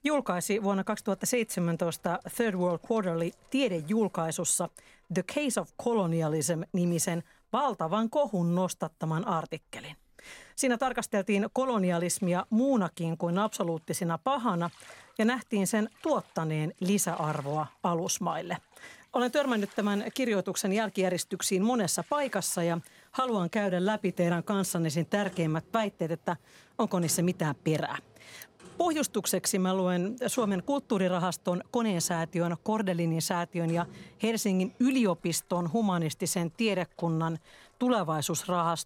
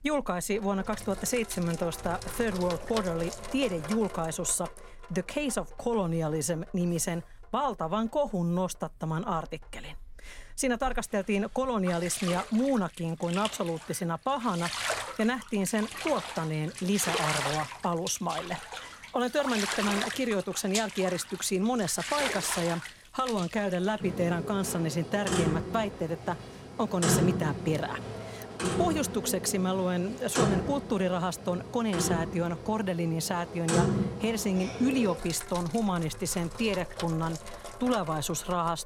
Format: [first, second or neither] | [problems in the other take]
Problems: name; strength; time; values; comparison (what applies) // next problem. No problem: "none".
first | household noises; loud; throughout; 5 dB below the speech; faint in the first